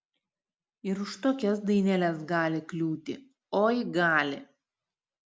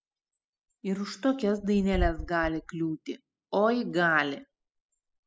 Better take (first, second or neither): first